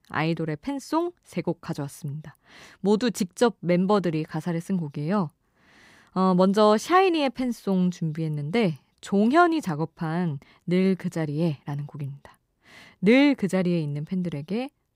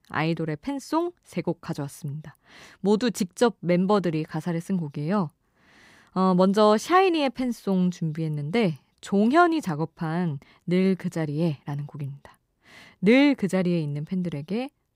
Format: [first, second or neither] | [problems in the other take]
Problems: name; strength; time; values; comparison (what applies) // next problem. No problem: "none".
neither | none